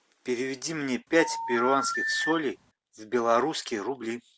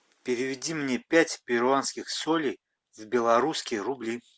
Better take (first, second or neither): second